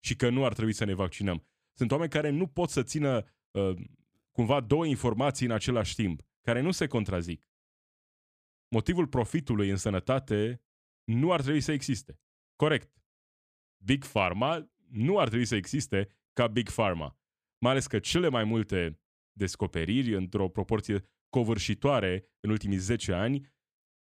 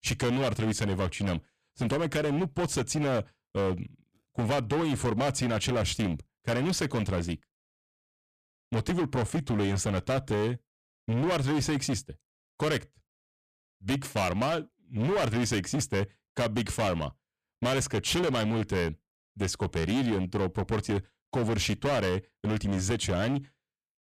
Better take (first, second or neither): first